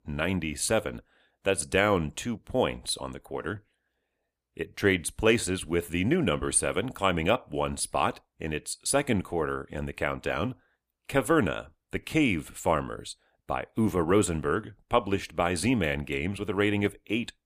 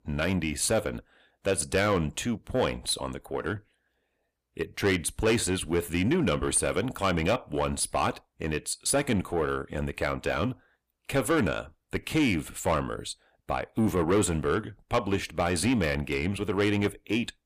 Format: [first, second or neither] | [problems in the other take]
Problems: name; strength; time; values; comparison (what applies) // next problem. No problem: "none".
first | distortion; slight; 10 dB below the speech